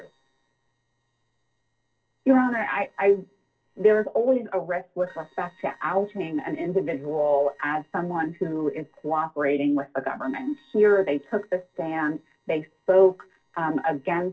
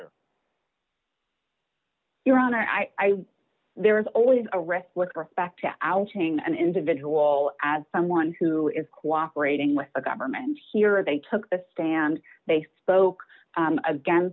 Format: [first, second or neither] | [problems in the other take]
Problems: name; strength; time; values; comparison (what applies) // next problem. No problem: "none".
second | noise reduction (neural separator model SepFormer DNS4)